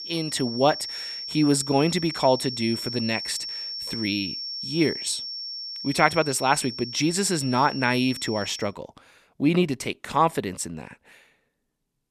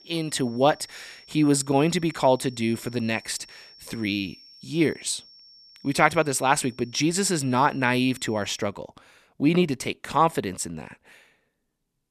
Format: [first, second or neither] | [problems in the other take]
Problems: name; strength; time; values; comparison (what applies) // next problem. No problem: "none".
second | high-pitched whine; loud; until 8.5 s; 5.5 kHz, 7 dB below the speech; faint in the second